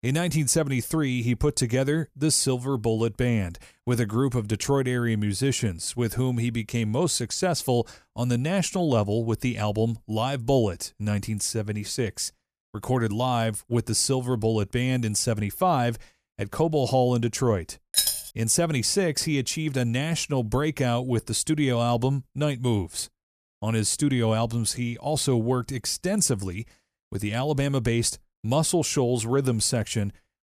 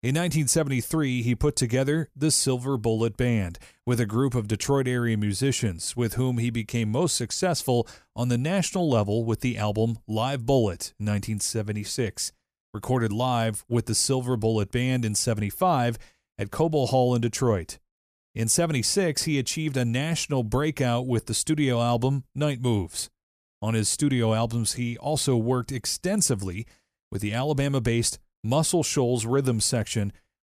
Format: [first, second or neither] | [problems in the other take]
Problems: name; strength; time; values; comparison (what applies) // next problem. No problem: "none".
second | jangling keys; loud; at 18 s; peak 3 dB above the speech